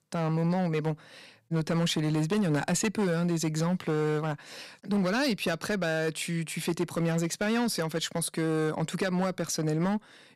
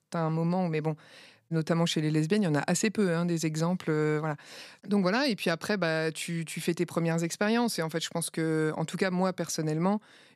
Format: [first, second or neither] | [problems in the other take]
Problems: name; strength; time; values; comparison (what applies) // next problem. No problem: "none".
second | distortion; slight; 9% of the sound clipped